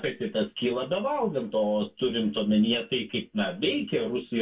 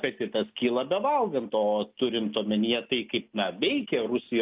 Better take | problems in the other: second | room echo; dies away in 0.1 s

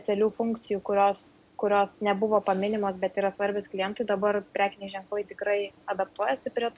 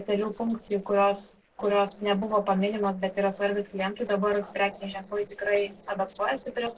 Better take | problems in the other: first | noise reduction (neural separator model SepFormer DNS4)

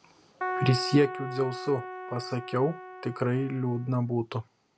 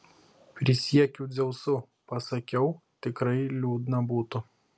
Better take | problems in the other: second | background sound (Keyboard (musical)); 8 dB below the speech

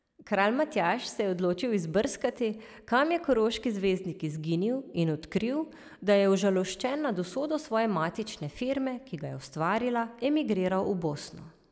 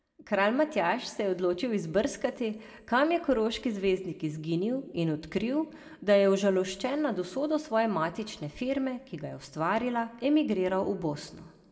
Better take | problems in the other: first | room echo; dies away in 0.8 s

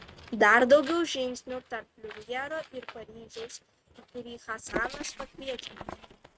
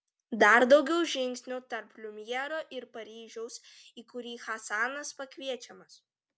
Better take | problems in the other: second | noise reduction (neural mask model RNNoise)

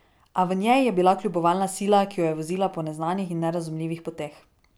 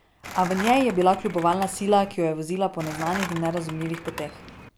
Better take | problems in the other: first | background sound (Skateboard); 12 dB below the speech

